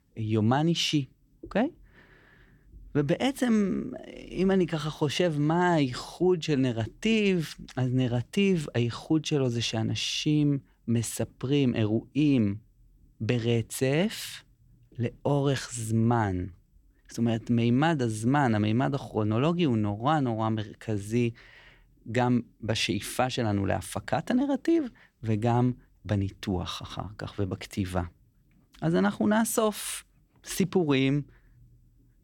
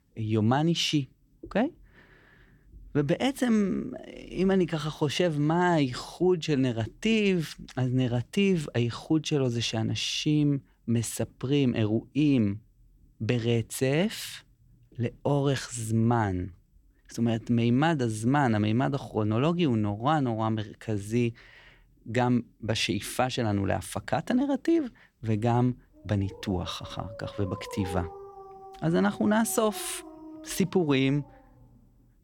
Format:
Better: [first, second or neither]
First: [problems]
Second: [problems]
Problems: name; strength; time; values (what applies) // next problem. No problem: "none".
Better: first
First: none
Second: dog barking; faint; from 26 to 31 s; peak 10 dB below the speech